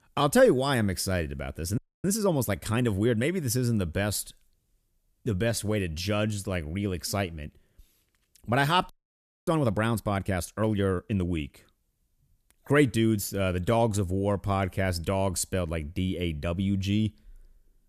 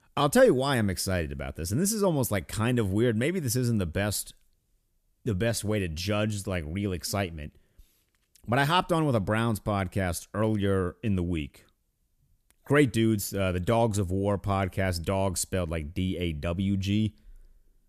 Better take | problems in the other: second | audio freezing; at 2 s and at 9 s for 0.5 s

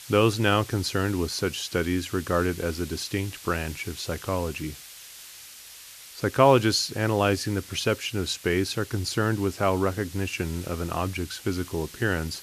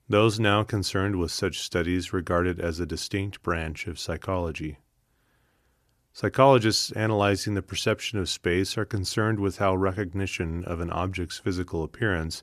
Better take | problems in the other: second | hiss; noticeable; throughout; 15 dB below the speech

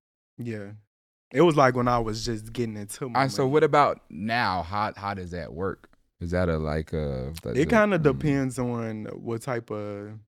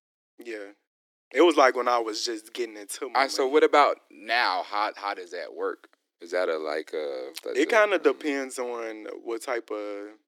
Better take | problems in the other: first | thin; somewhat; fading below 300 Hz

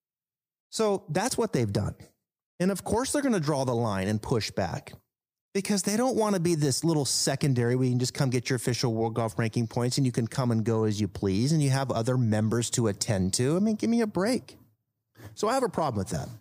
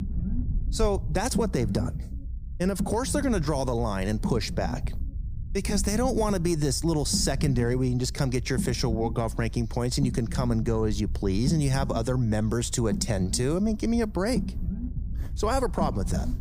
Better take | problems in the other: first | low rumble; noticeable; throughout; 15 dB below the speech

